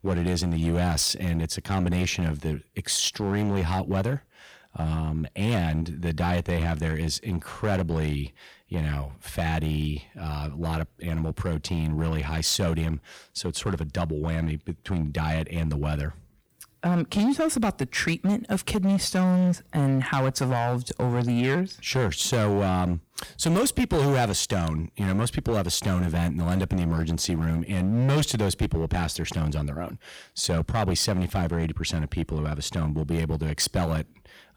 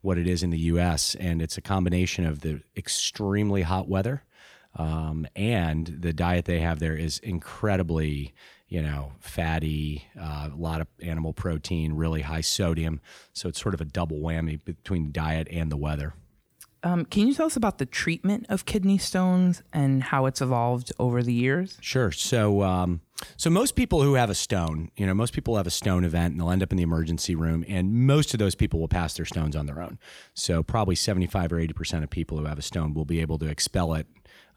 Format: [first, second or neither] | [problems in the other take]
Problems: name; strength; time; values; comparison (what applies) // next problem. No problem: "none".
second | distortion; slight; 9% of the sound clipped